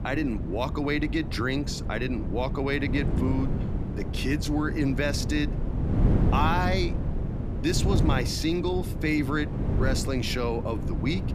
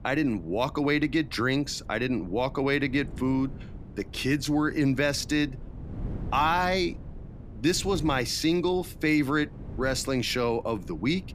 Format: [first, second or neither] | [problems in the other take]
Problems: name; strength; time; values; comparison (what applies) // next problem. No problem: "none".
second | wind noise on the microphone; heavy; 8 dB below the speech; occasional gusts in the second